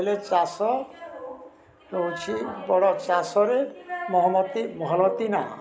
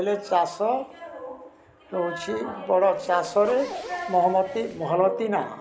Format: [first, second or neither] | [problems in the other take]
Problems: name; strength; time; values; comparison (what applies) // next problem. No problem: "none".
first | background sound (Zipper (clothing)); 15 dB below the speech